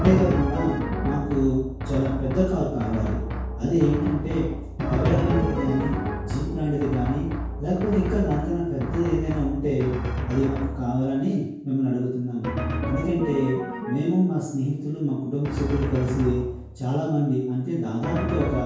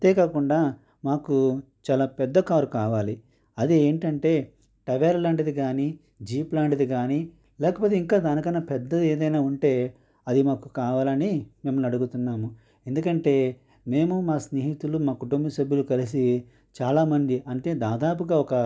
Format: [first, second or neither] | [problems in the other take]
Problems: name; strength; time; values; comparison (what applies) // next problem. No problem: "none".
second | background sound (Drum); 4 dB below the speech // room echo; dies away in 0.6 s